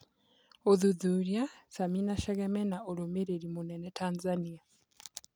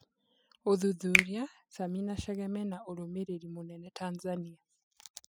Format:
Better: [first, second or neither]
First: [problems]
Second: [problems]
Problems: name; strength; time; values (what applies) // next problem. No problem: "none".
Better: first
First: none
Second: noise reduction (classical method spectral subtraction)